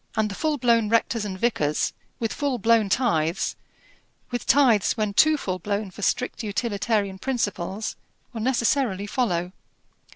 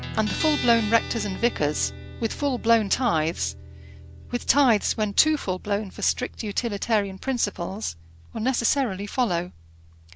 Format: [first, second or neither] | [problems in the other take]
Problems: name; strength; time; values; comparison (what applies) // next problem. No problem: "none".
first | background sound (Guitar); 12 dB below the speech